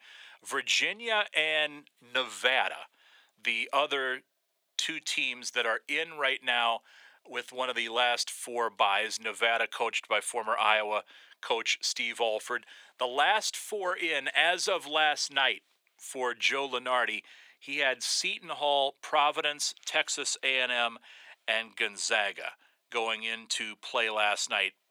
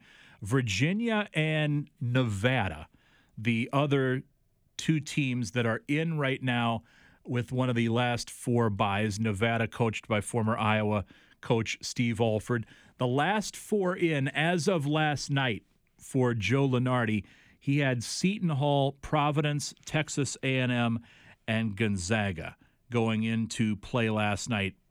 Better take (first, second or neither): second